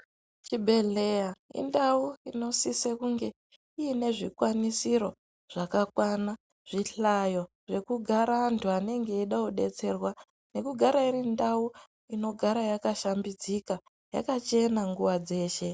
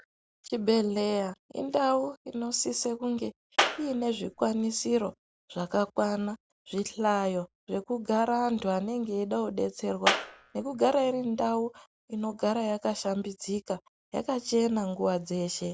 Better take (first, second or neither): first